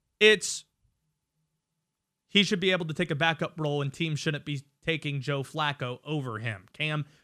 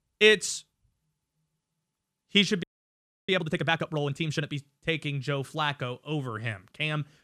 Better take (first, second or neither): first